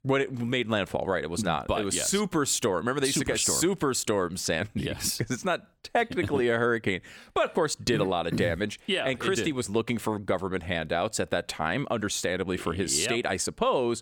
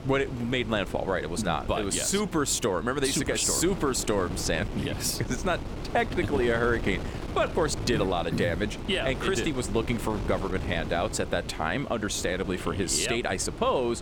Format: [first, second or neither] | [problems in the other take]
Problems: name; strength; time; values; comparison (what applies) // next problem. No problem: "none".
first | wind noise on the microphone; occasional gusts; 15 dB below the speech